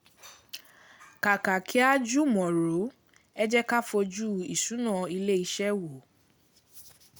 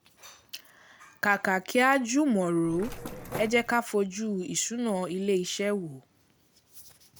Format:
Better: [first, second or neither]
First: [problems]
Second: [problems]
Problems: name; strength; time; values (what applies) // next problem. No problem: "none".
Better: first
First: none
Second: background sound (Mechanisms); 10 dB below the speech